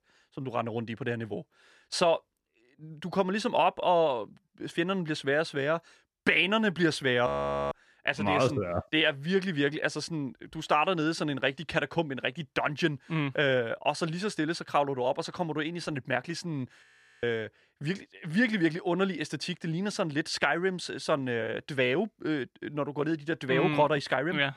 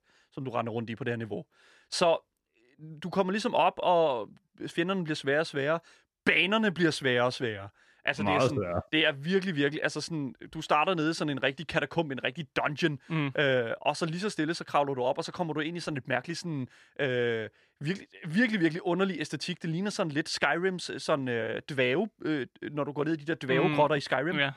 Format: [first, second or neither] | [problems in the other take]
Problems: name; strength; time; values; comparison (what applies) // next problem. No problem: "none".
second | audio freezing; at 7.5 s and at 17 s